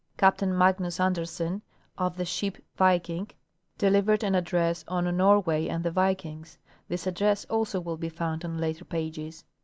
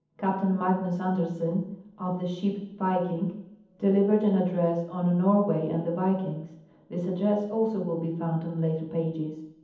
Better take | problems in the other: first | room echo; dies away in 0.8 s

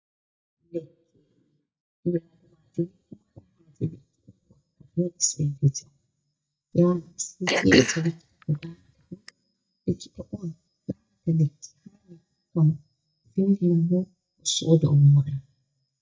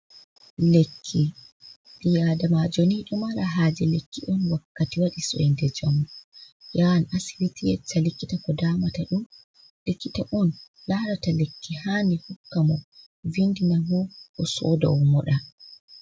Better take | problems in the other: second | noise reduction (neural mask model DeepFilterNet 3)

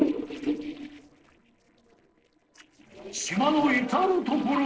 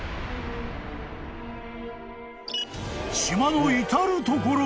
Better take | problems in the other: second | noise reduction (neural separator model SepFormer DNS4)

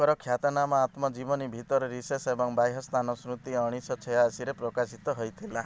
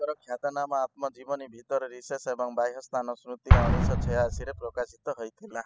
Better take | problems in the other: first | noise reduction (classical method spectral subtraction)

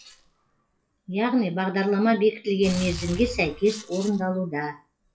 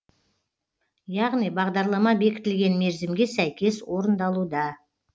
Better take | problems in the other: second | noise reduction (classical method WPE with log-MMSE)

